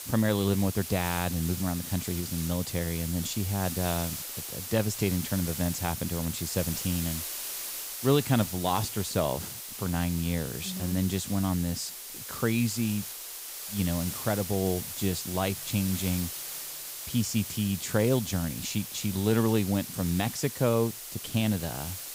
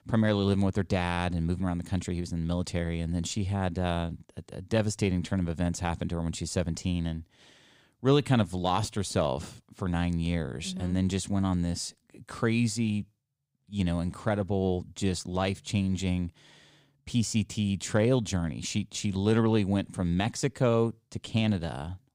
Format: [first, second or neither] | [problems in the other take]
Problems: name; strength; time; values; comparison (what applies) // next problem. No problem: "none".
second | hiss; loud; throughout; 6 dB below the speech